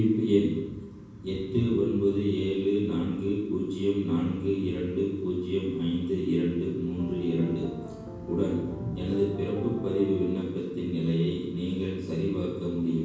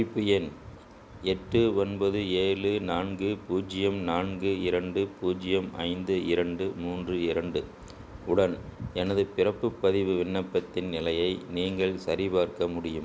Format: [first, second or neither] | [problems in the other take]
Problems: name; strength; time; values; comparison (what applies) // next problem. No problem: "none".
second | background sound (Piano); 14 dB below the speech // room echo; dies away in 1.2 s